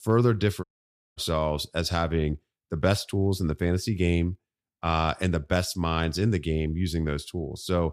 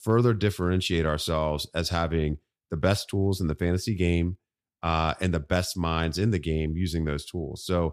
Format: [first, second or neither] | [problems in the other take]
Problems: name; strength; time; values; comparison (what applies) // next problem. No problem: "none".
second | audio cutting out; at 0.5 s for 0.5 s